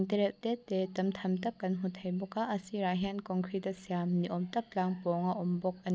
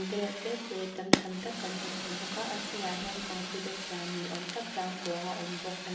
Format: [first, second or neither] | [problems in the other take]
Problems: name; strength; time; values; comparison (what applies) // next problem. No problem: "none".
first | background sound (Fire); 1 dB above the speech // room echo; dies away in 1.3 s